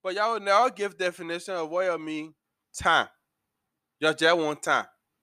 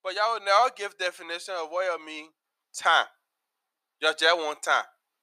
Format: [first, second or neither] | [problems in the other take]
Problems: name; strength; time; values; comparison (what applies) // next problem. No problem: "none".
first | thin; very; fading below 650 Hz